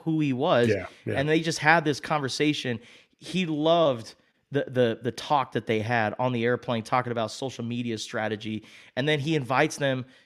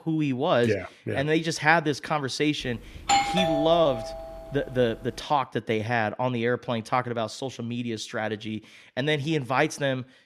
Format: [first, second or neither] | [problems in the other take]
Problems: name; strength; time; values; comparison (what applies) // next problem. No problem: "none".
first | doorbell; loud; from 3 to 4 s; peak 4 dB above the speech